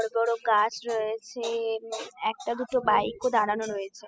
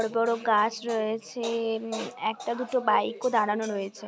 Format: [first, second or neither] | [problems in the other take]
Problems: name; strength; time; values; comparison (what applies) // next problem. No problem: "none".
second | noise reduction (classical method spectral subtraction)